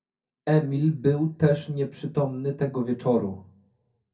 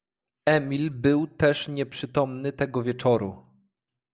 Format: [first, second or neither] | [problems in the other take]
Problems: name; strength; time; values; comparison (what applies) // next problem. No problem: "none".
second | room echo; dies away in 0.3 s